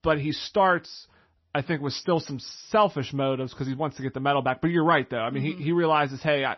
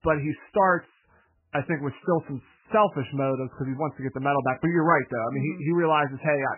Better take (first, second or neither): first